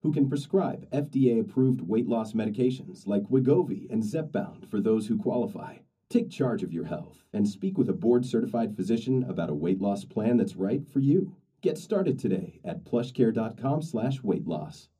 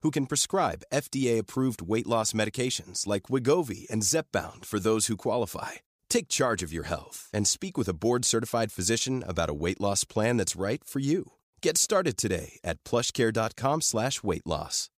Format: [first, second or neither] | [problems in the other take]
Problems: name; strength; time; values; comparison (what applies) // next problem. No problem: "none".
second | room echo; slight; dies away in 0.3 s // off-mic speech; far